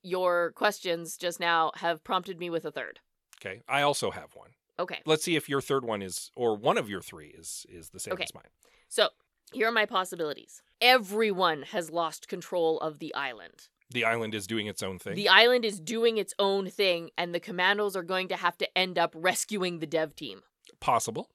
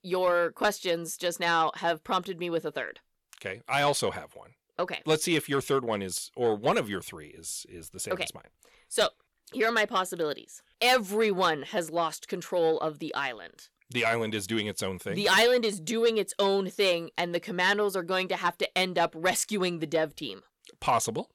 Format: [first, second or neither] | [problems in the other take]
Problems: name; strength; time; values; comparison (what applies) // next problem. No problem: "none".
first | distortion; slight; 10 dB below the speech